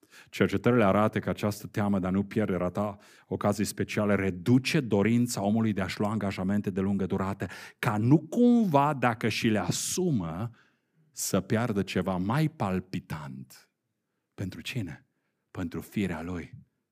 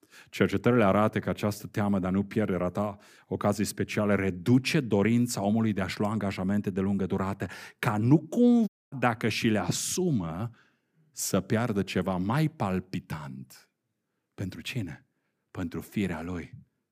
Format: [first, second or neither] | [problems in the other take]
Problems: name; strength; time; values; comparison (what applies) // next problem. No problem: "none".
first | audio cutting out; at 8.5 s